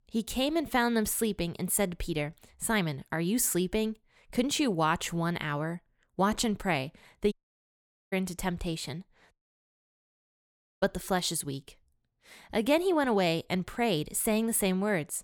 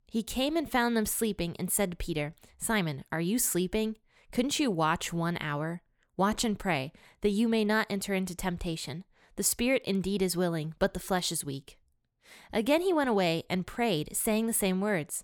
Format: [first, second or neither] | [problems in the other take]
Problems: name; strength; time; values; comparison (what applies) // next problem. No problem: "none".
second | audio cutting out; at 7.5 s for 1 s and at 9.5 s for 1.5 s